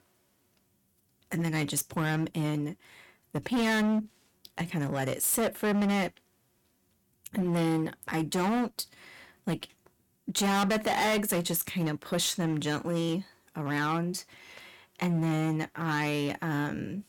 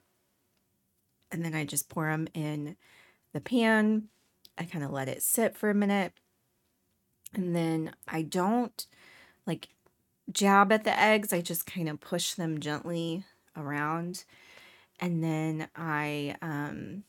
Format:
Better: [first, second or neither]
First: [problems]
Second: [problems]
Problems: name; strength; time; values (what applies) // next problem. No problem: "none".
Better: second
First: distortion; heavy; 12% of the sound clipped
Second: none